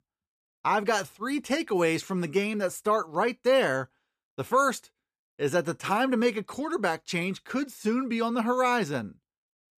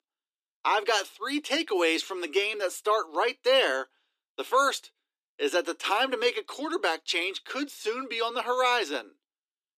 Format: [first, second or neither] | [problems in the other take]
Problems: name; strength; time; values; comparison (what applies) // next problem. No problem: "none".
first | thin; somewhat; fading below 300 Hz